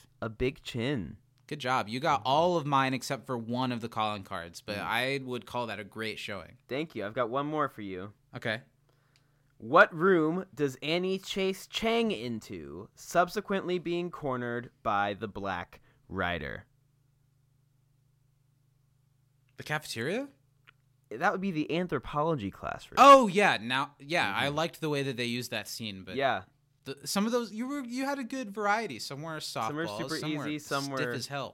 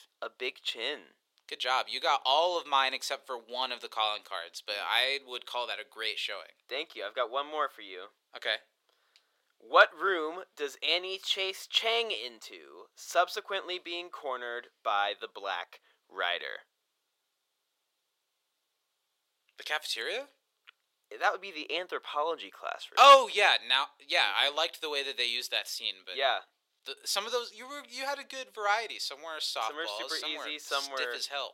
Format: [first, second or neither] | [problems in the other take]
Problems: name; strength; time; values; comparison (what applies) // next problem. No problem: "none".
first | thin; very; fading below 450 Hz